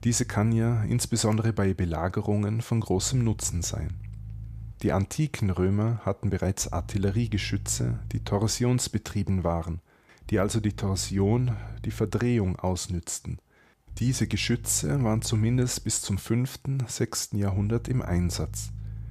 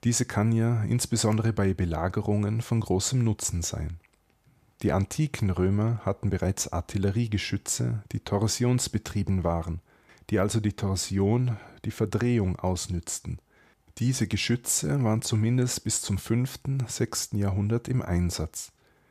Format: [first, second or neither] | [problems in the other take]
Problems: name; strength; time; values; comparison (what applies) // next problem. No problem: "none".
second | low rumble; faint; throughout; 25 dB below the speech